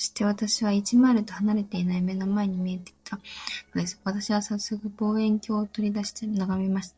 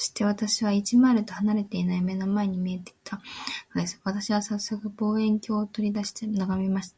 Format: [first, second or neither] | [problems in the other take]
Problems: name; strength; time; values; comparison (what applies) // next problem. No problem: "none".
second | noise reduction (neural separator model SepFormer DNS4)